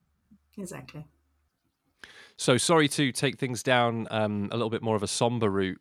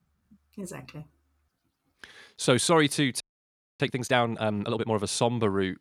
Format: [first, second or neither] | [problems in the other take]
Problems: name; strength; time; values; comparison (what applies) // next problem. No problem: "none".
first | audio freezing; at 3 s for 0.5 s